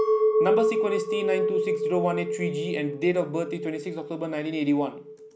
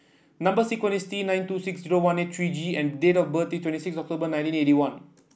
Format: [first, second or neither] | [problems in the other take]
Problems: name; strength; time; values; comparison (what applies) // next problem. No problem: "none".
second | background sound (Chink, clink); 1 dB above the speech